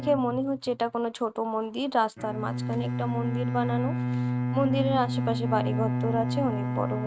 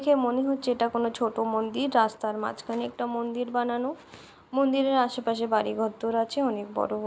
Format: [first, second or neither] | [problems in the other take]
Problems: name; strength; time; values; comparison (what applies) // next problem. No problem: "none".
second | noise reduction (neural mask model RNNoise)